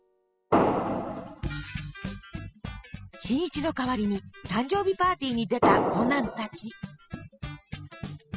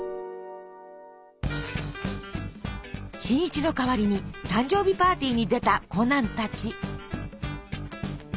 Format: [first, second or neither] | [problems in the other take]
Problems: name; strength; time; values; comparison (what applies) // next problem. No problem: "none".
second | noise reduction (classical method spectral subtraction)